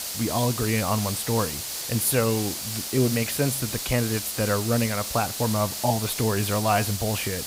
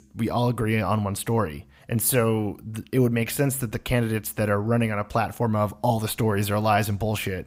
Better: second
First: hiss; loud; throughout; 4 dB below the speech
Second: none

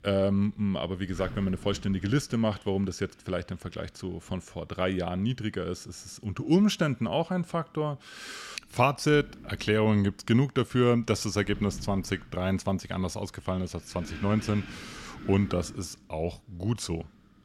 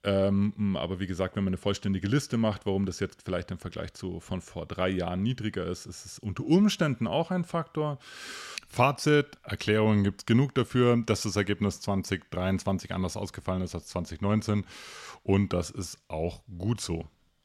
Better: second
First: wind noise on the microphone; occasional gusts; 20 dB below the speech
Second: none

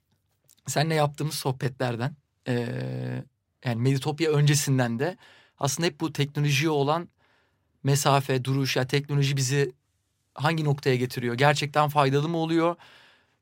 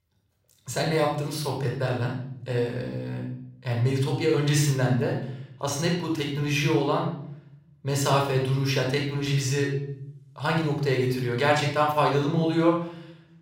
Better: first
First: none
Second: off-mic speech; somewhat distant // room echo; noticeable; dies away in 0.7 s

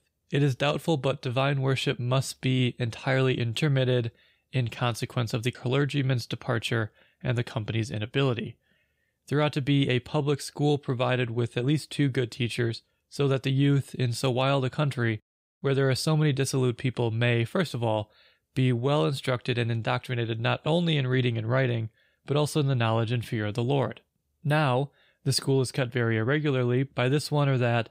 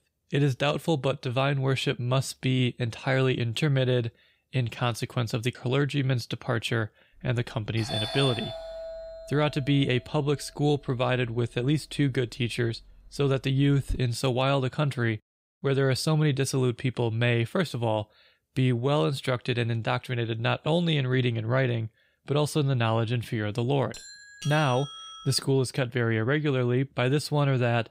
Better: first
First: none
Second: doorbell; noticeable; from 8 to 14 s; peak 3 dB below the speech // doorbell; faint; from 24 to 25 s; peak 10 dB below the speech

